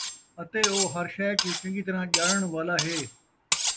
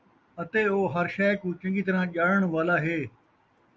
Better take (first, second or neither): second